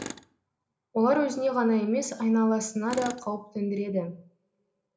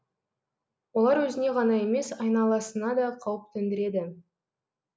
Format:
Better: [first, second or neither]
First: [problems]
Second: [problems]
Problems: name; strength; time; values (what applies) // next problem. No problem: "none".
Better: second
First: background sound (Tools); 19 dB below the speech // room echo; dies away in 0.4 s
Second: none